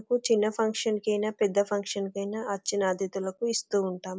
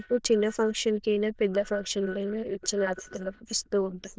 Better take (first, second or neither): first